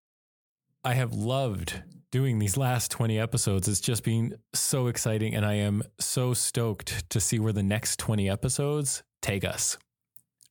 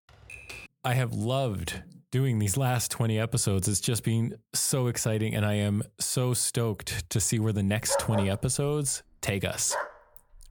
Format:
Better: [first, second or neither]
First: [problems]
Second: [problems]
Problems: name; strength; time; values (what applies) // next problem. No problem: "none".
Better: first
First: none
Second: keyboard typing; faint; at the start; peak 15 dB below the speech // dog barking; noticeable; from 8 to 10 s; peak 3 dB below the speech